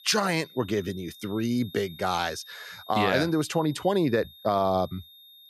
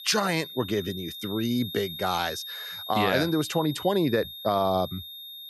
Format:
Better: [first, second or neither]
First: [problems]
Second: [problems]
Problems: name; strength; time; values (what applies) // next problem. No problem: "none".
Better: first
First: high-pitched whine; faint; throughout; 3.5 kHz, 20 dB below the speech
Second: high-pitched whine; loud; throughout; 3.5 kHz, 10 dB below the speech